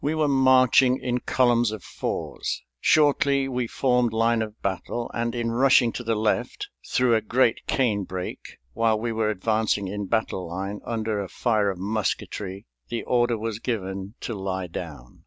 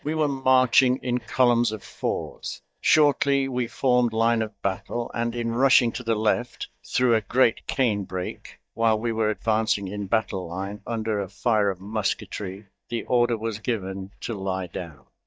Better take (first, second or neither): first